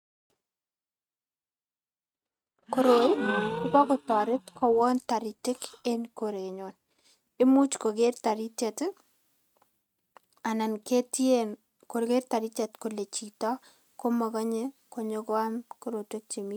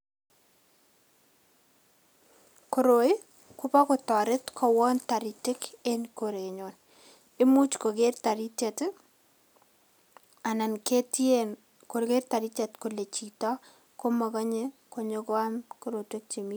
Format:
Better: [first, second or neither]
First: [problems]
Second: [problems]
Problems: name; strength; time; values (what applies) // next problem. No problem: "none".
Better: second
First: noise reduction (neural mask model RNNoise)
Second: none